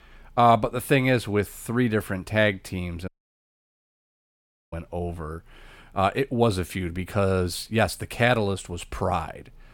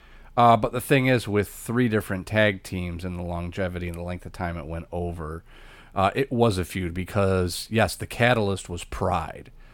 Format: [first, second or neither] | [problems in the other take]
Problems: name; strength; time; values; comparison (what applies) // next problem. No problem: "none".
second | audio cutting out; at 3 s for 1.5 s